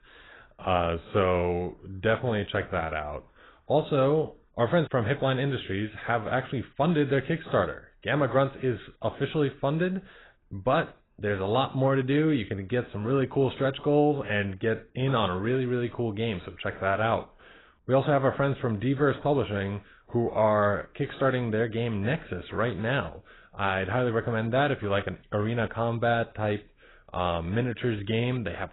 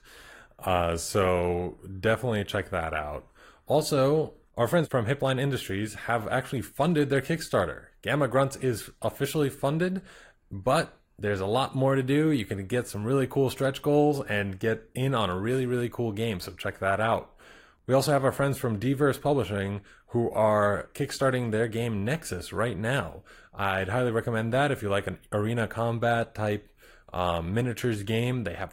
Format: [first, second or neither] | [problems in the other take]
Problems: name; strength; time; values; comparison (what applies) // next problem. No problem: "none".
second | garbled, watery; badly; nothing above 4 kHz; slightly in the second